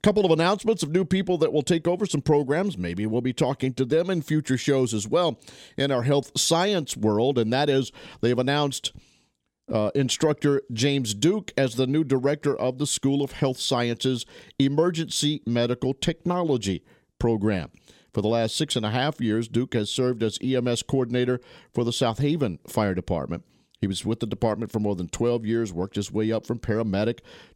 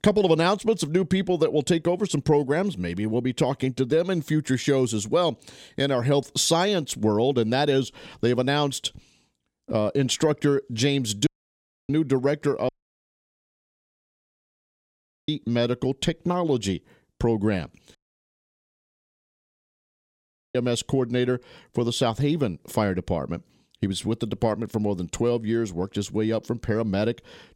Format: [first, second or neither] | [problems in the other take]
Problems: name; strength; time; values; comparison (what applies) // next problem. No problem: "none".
first | audio cutting out; at 11 s for 0.5 s, at 13 s for 2.5 s and at 18 s for 2.5 s